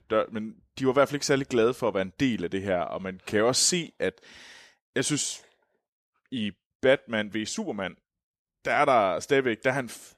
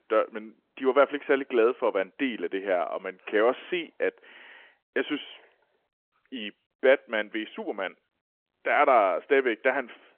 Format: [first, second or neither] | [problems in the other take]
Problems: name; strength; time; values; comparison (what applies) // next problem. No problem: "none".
first | phone-call audio